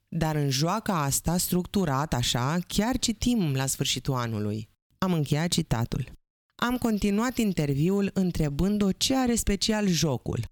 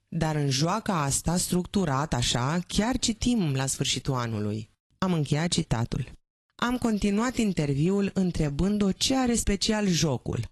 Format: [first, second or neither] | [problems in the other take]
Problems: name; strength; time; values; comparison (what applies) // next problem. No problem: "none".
first | garbled, watery; slightly; nothing above 11.5 kHz